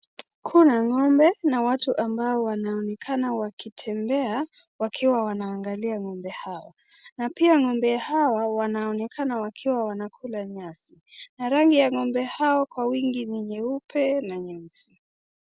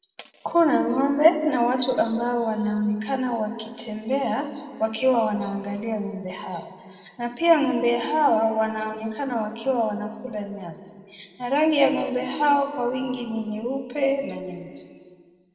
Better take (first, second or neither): first